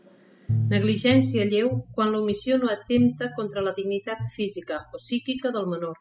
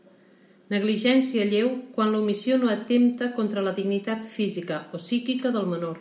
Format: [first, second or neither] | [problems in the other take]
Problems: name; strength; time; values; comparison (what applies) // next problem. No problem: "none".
second | noise reduction (classical method spectral subtraction)